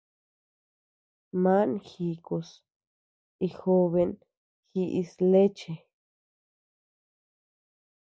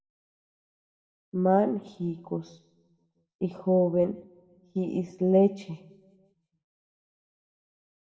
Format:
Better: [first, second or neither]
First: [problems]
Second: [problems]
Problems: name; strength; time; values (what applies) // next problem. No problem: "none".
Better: first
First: none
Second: room echo; dies away in 0.8 s